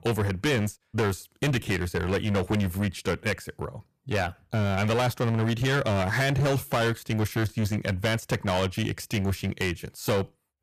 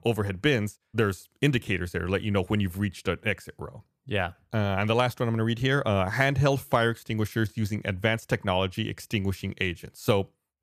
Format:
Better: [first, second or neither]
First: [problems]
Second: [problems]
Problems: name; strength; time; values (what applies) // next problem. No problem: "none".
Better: second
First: distortion; heavy; 16% of the sound clipped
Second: none